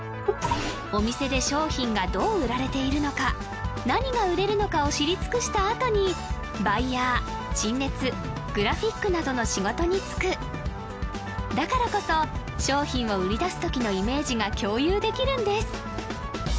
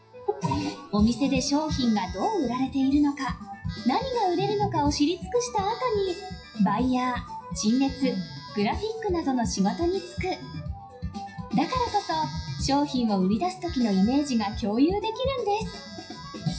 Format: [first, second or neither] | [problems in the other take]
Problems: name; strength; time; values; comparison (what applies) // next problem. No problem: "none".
first | noise reduction (classical method WPE with log-MMSE)